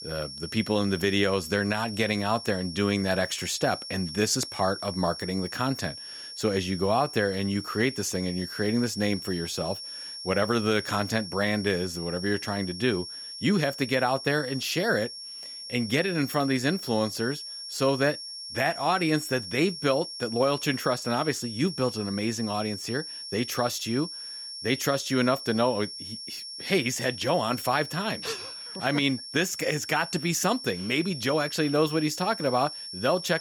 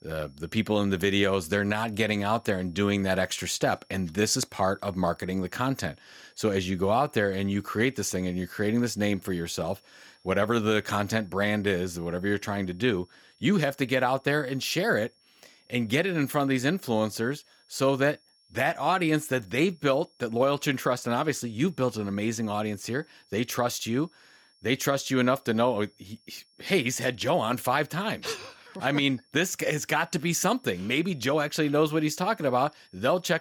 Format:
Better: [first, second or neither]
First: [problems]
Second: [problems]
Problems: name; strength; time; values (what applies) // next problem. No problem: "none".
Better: second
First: high-pitched whine; loud; throughout; 5.5 kHz, 9 dB below the speech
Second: high-pitched whine; faint; throughout; 5.5 kHz, 35 dB below the speech